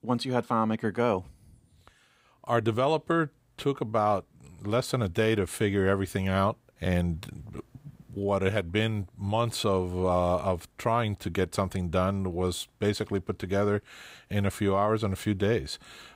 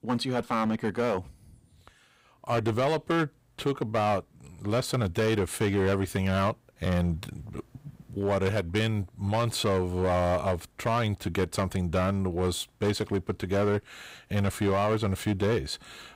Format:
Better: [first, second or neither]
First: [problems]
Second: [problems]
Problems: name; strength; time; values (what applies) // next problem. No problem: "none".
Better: first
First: none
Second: distortion; slight; 9% of the sound clipped